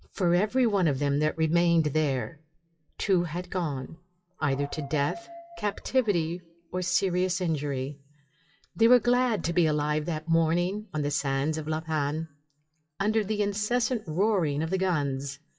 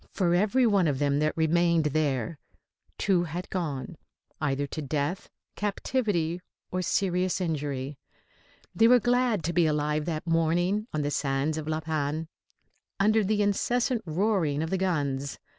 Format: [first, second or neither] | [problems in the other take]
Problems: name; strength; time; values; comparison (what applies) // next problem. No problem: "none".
second | noise reduction (classical method WPE with log-MMSE)